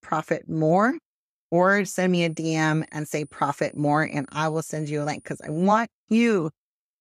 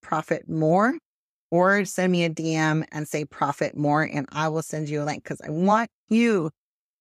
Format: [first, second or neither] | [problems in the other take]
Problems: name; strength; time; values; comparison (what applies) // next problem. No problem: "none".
second | high-pitched whine; faint; from 2 to 5.5 s; 9.5 kHz, 30 dB below the speech